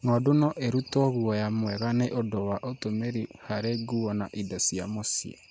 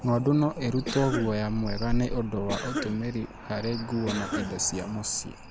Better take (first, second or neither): first